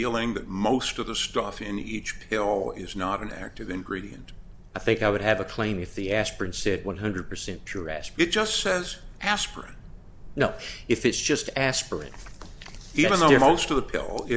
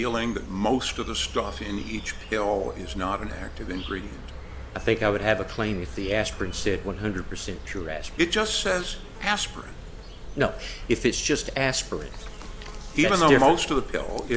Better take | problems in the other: first | background sound (Insect); 13 dB below the speech

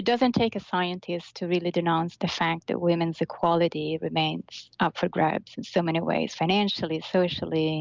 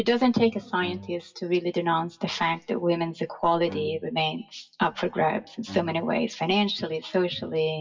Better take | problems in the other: first | noise reduction (classical method WPE with log-MMSE)

